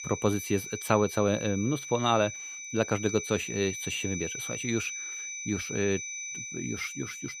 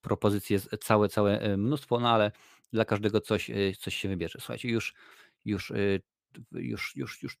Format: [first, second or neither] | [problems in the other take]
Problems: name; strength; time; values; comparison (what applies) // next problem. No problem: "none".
second | high-pitched whine; loud; throughout; 6 kHz, 6 dB below the speech